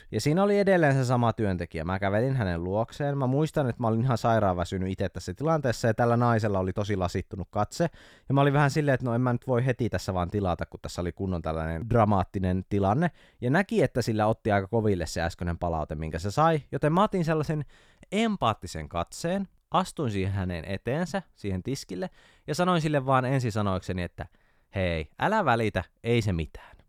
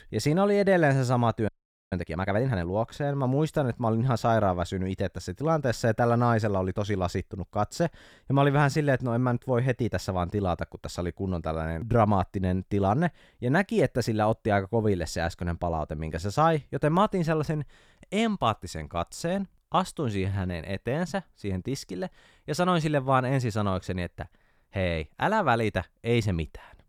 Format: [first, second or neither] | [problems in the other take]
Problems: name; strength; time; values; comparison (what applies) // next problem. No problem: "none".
first | audio freezing; at 1.5 s